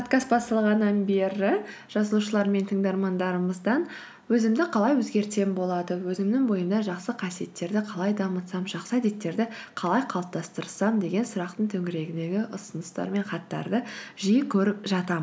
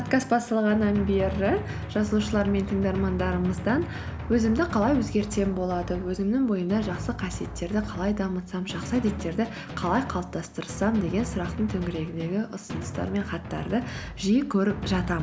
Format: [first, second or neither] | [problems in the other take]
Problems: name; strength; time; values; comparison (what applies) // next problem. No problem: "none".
first | background sound (Drum); 8 dB below the speech